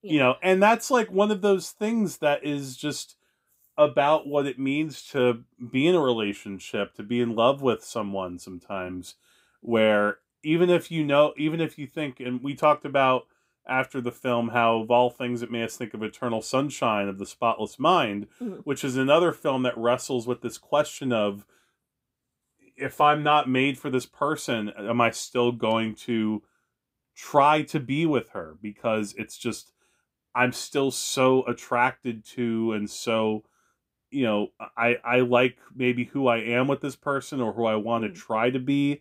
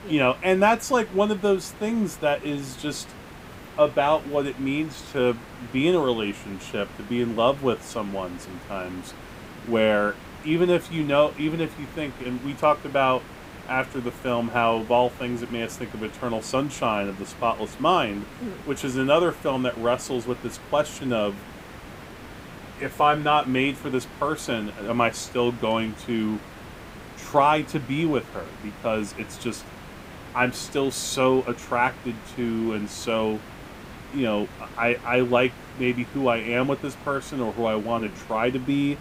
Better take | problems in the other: first | hiss; noticeable; throughout; 15 dB below the speech

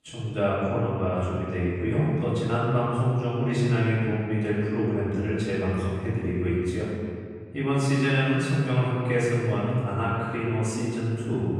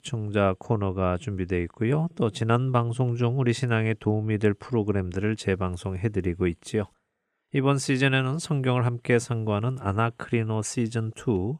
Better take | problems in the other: second | off-mic speech; far // room echo; strong; dies away in 1.9 s

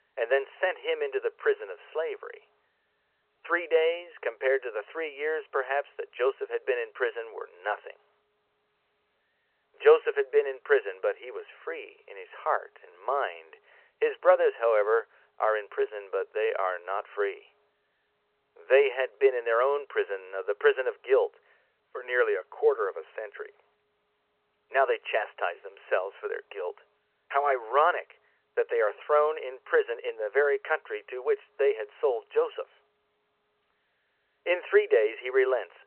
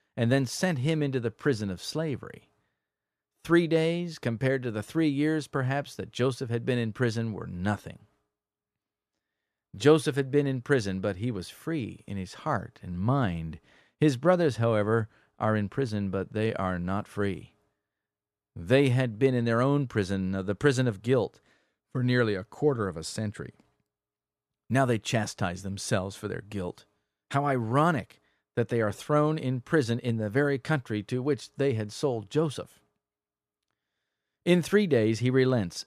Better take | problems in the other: second | phone-call audio

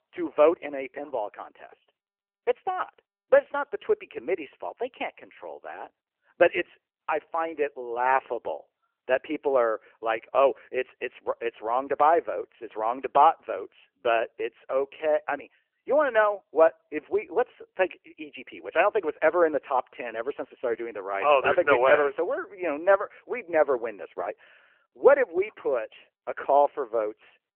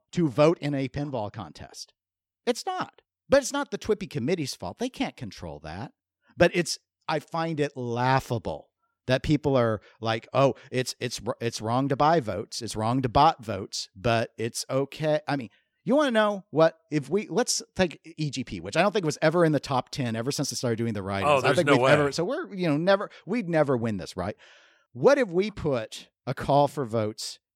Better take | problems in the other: second | phone-call audio; nothing above 3 kHz

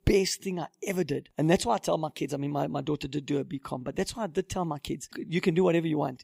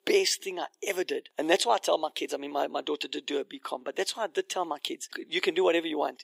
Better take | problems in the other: first | thin; very; fading below 350 Hz

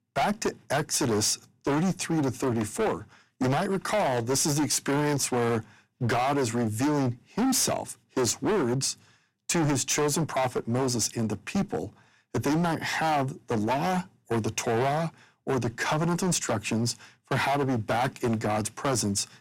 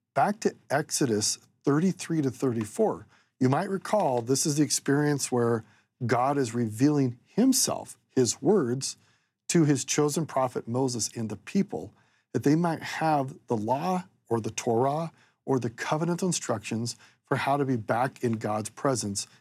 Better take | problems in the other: second | distortion; heavy; 20% of the sound clipped

